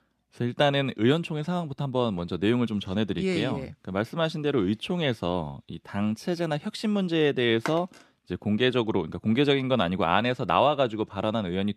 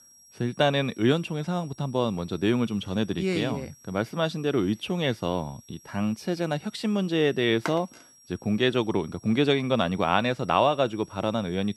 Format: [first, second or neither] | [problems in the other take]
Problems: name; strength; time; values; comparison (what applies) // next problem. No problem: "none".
first | high-pitched whine; faint; throughout; 5.5 kHz, 25 dB below the speech